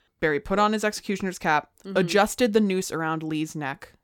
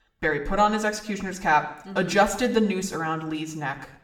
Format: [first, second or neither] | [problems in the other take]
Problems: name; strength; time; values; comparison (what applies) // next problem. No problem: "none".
first | room echo; slight; dies away in 0.6 s // off-mic speech; somewhat distant